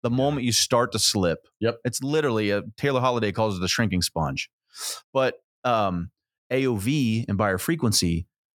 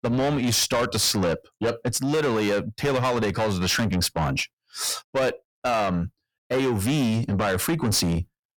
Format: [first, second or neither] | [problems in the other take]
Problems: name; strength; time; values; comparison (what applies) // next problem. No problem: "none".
first | distortion; heavy; 7 dB below the speech